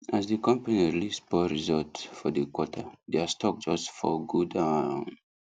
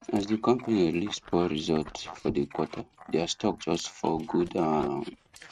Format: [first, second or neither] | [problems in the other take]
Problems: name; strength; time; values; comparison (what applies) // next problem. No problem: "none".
first | noise reduction (neural mask model RNNoise)